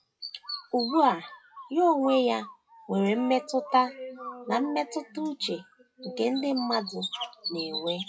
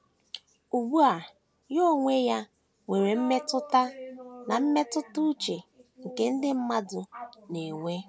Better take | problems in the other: second | noise reduction (classical method WPE with log-MMSE)

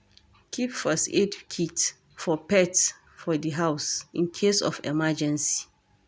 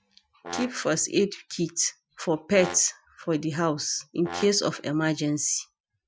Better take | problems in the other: first | noise reduction (classical method Wiener filter)

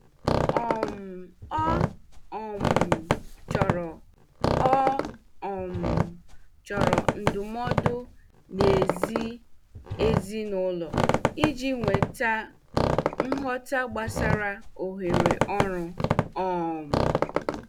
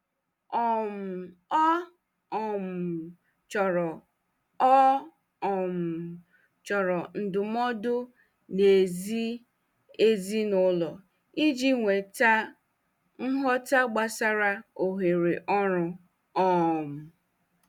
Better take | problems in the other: second | background sound (Squeak); 3 dB above the speech

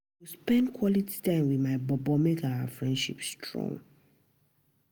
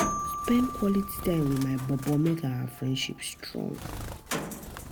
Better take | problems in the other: first | background sound (Marimba, xylophone + Bird); 7 dB below the speech

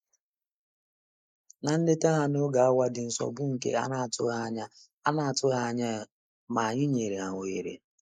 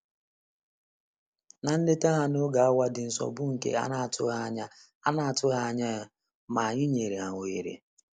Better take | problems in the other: second | noise reduction (neural mask model Resemble Enhance denoiser)

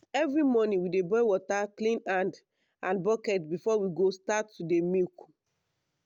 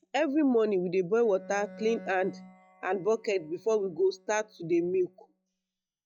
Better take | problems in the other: first | noise reduction (classical method log-MMSE)

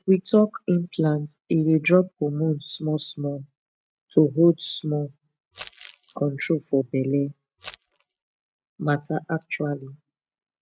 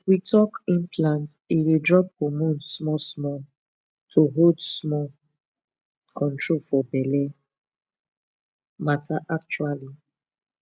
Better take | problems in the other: second | noise reduction (neural mask model RNNoise)

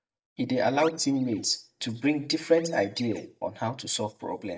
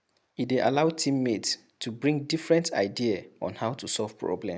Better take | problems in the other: second | noise reduction (neural mask model DeepFilterNet 3)

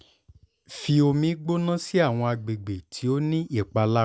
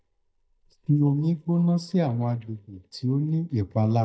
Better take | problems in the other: first | noise reduction (neural mask model DeepFilterNet 3)

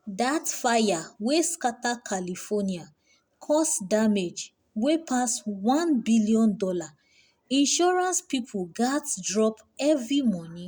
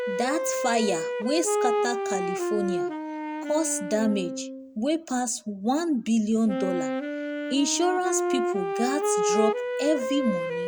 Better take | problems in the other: first | background sound (Wind instrument, woodwind instrument); 1 dB below the speech

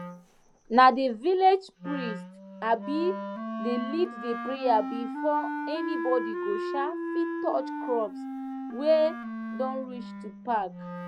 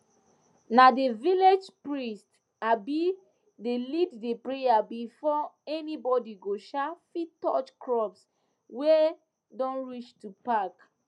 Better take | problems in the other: second | background sound (Wind instrument, woodwind instrument); 7 dB below the speech

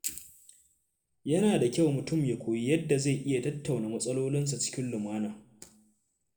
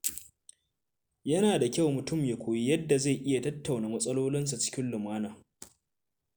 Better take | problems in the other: second | room echo; dies away in 1.3 s

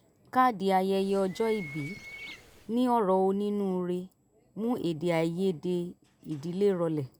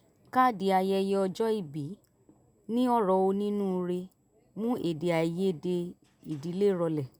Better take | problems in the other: second | background sound (Bird); 17 dB below the speech

